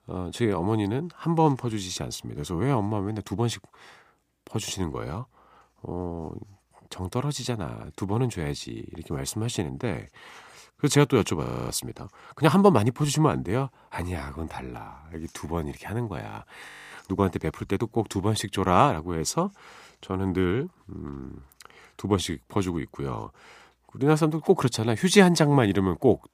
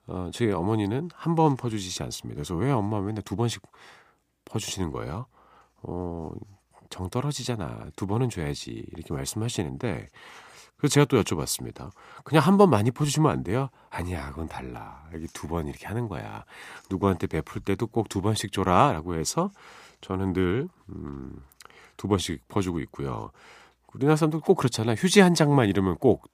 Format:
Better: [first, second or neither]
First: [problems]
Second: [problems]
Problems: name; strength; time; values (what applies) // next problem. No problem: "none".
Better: second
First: audio freezing; at 11 s and at 17 s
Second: none